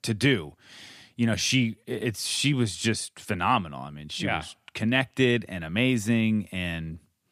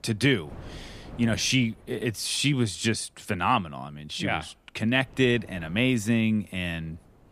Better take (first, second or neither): first